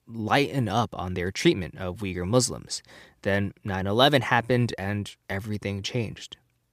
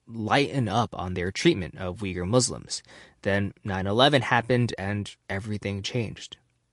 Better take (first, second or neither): first